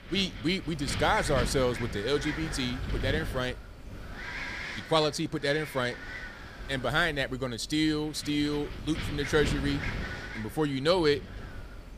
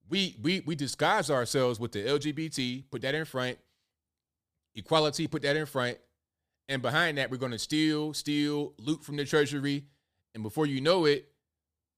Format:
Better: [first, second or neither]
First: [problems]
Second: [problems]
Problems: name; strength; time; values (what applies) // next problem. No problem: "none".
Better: second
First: wind noise on the microphone; heavy; 9 dB below the speech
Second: none